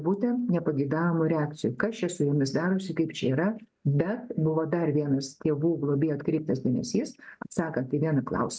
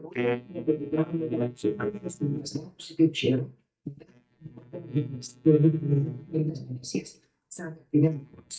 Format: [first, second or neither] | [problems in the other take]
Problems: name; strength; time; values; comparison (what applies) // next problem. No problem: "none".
first | noise reduction (neural mask model DeepFilterNet 3)